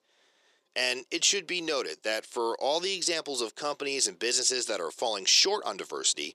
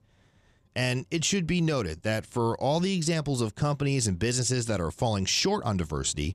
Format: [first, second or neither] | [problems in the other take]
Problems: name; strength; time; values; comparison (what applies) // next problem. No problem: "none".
second | thin; very; fading below 400 Hz